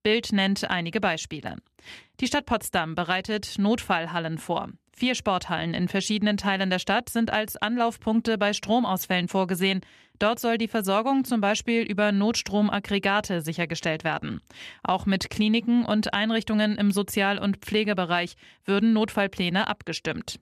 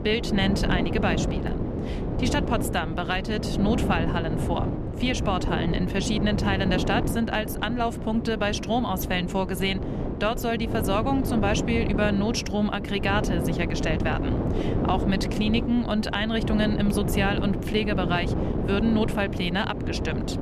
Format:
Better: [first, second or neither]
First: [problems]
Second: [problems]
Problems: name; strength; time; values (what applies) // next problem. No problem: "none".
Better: first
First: none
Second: wind noise on the microphone; heavy; 6 dB below the speech